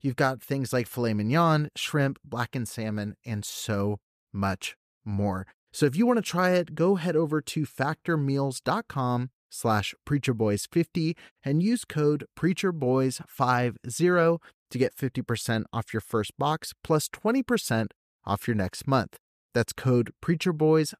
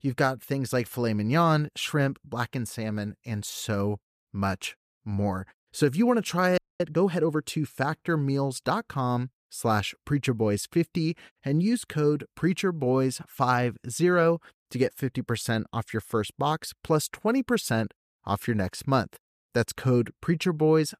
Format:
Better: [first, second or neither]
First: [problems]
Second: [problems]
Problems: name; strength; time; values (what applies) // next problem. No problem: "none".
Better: first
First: none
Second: audio freezing; at 6.5 s